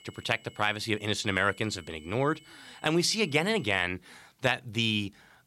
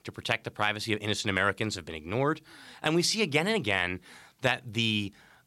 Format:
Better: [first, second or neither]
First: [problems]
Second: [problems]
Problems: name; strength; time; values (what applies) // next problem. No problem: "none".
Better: second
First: high-pitched whine; faint; until 4 s; 3 kHz, 25 dB below the speech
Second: none